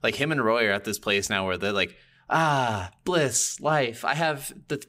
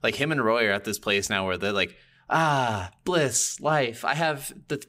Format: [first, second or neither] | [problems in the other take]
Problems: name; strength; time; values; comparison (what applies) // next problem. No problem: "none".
neither | none